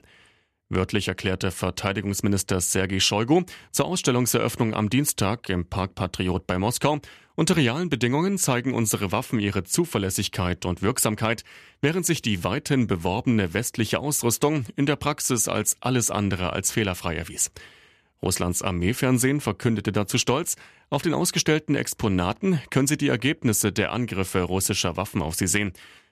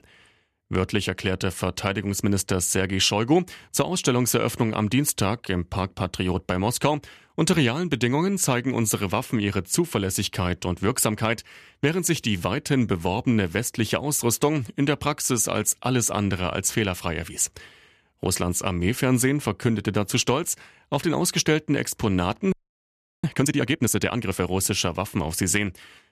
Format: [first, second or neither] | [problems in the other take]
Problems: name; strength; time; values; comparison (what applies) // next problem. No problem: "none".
first | audio freezing; at 23 s for 0.5 s